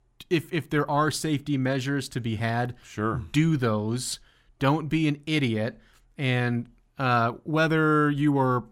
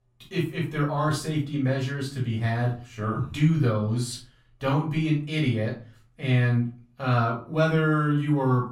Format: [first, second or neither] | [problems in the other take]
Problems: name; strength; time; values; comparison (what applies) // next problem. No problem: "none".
first | off-mic speech; far // room echo; slight; dies away in 0.3 s